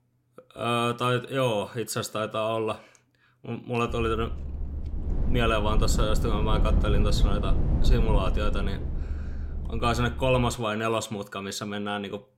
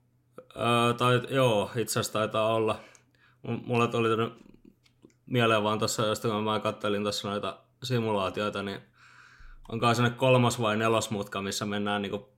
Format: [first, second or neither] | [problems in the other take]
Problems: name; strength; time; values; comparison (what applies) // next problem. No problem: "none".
second | low rumble; noticeable; from 4 to 11 s; 15 dB below the speech